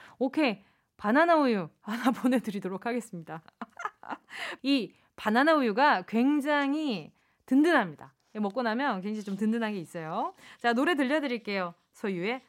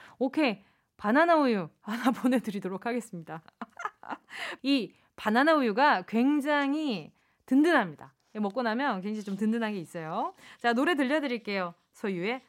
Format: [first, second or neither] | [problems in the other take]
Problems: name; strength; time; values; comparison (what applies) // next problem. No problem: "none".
neither | none